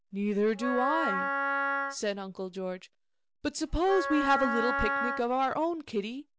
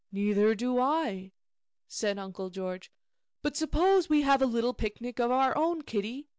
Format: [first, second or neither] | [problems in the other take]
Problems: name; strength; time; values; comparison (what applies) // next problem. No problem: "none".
second | background sound (Wind instrument, woodwind instrument); 1 dB below the speech